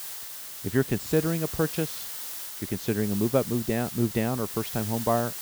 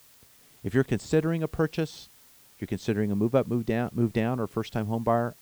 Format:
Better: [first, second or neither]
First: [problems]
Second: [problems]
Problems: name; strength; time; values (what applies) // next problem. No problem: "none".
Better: second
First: hiss; loud; throughout; 7 dB below the speech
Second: hiss; faint; throughout; 25 dB below the speech